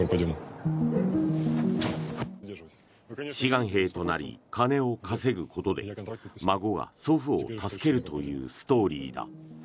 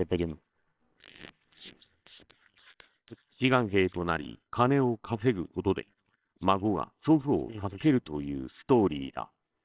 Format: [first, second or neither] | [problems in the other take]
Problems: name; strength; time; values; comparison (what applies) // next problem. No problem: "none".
first | noise reduction (neural separator model SepFormer WHAMR!)